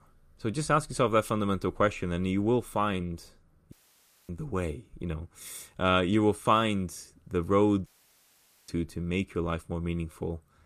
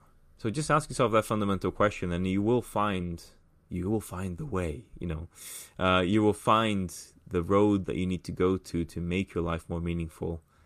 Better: second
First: audio cutting out; at 3.5 s for 0.5 s and at 8 s for 1 s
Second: none

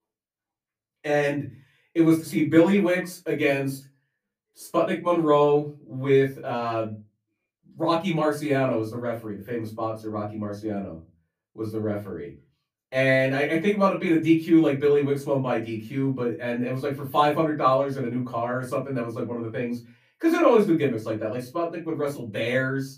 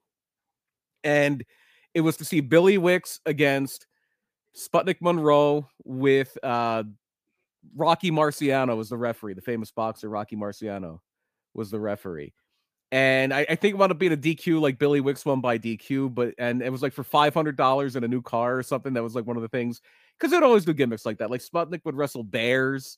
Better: second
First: off-mic speech; far // room echo; very slight; dies away in 0.3 s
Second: none

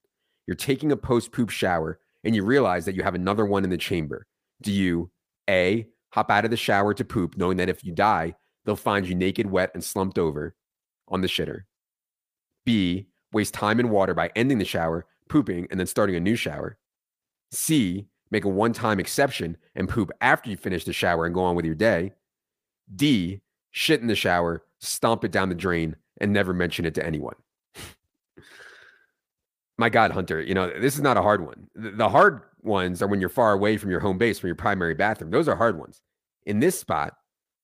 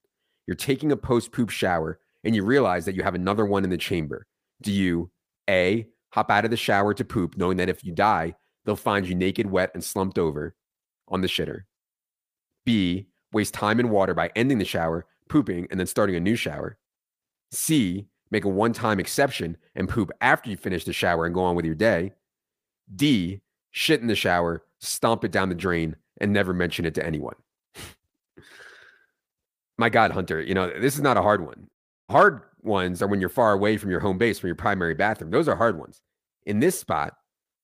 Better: first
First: none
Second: audio cutting out; at 32 s

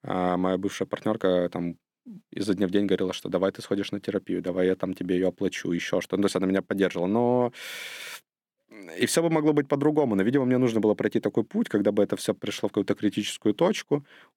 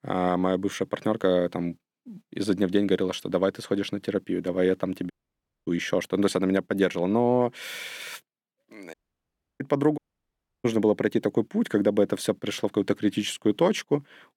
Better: first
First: none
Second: audio cutting out; at 5 s for 0.5 s, at 9 s for 0.5 s and at 10 s for 0.5 s

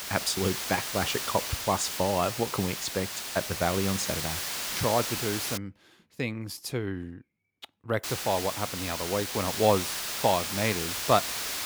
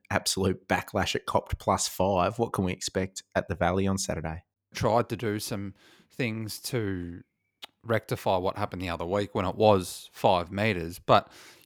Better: second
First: hiss; loud; until 5.5 s and from 8 s on; 2 dB below the speech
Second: none

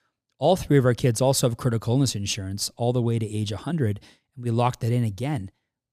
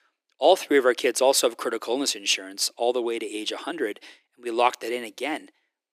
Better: first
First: none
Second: thin; very; fading below 300 Hz

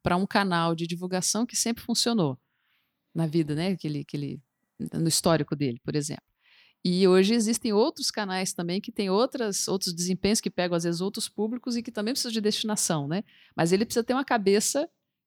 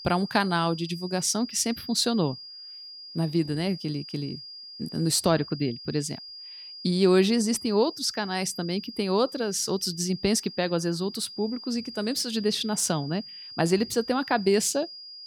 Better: first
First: none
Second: high-pitched whine; noticeable; throughout; 5 kHz, 15 dB below the speech

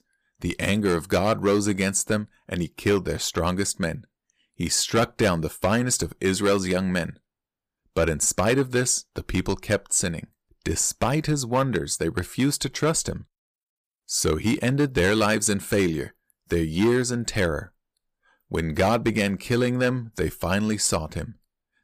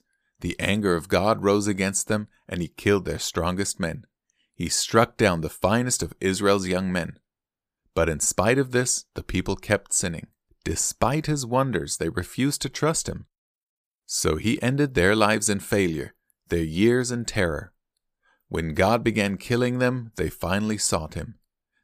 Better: second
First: distortion; slight; 3% of the sound clipped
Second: none

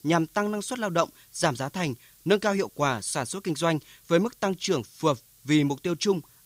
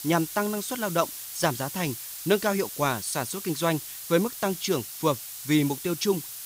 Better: first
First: hiss; faint; throughout; 25 dB below the speech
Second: hiss; loud; throughout; 8 dB below the speech

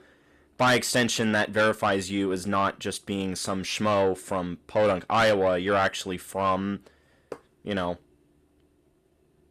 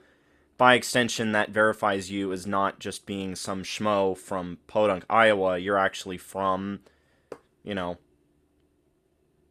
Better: second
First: distortion; heavy; 8 dB below the speech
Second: none

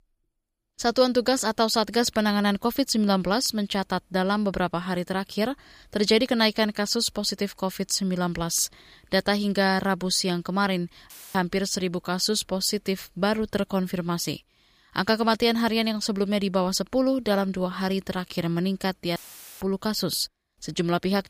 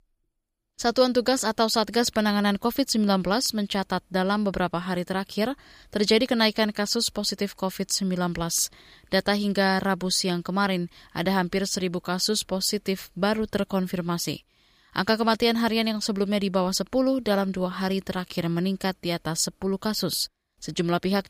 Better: second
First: audio cutting out; filled with static; at 11 s and at 19 s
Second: none

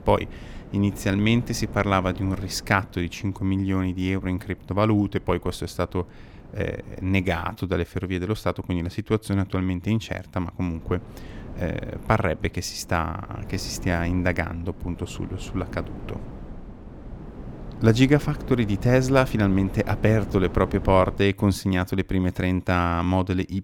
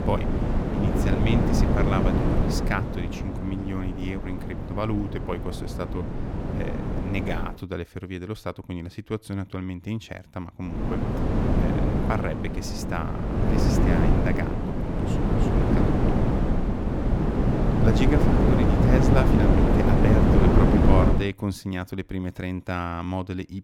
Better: first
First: wind noise on the microphone; occasional gusts; until 7.5 s and from 11 to 21 s; 20 dB below the speech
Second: wind noise on the microphone; heavy; until 7.5 s and from 11 to 21 s; 4 dB above the speech

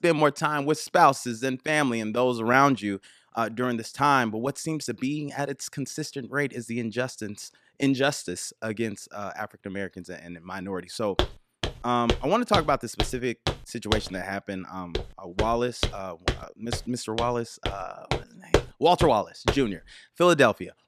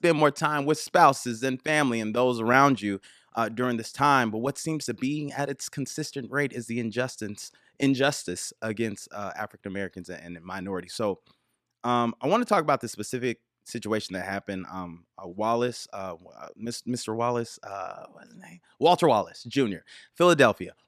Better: second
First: footsteps; loud; from 11 to 20 s; peak level with the speech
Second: none

